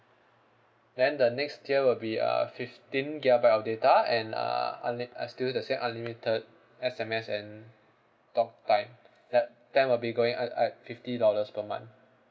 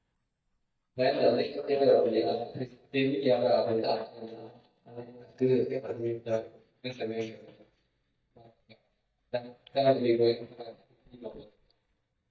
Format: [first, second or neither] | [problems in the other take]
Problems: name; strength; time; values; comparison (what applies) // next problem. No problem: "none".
first | noise reduction (neural mask model DeepFilterNet 3)